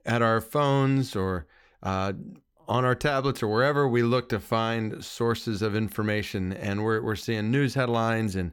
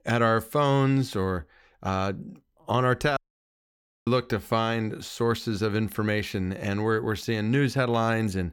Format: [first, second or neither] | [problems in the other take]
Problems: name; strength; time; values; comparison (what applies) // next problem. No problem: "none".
first | audio cutting out; at 3 s for 1 s